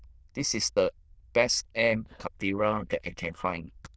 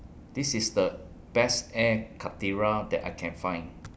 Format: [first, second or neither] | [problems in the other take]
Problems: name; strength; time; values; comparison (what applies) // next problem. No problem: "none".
second | noise reduction (neural diffusion model UNIVERSE++)